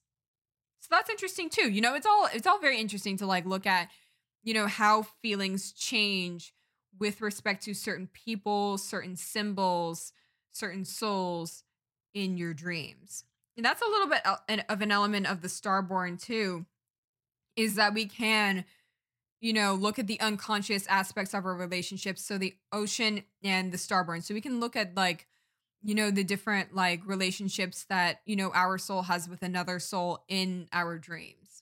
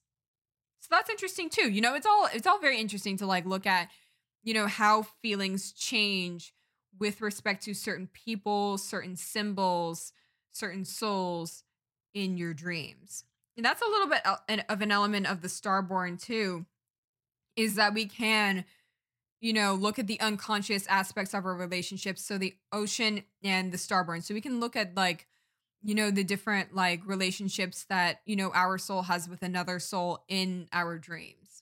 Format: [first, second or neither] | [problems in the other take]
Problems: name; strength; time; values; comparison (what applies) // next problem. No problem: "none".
neither | none